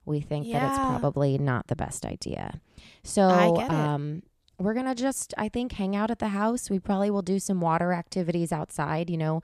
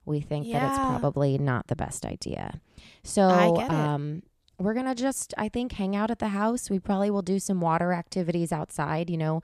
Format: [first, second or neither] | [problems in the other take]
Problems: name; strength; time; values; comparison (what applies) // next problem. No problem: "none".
neither | none